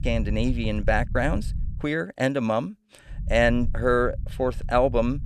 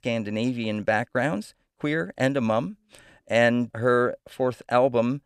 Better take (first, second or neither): second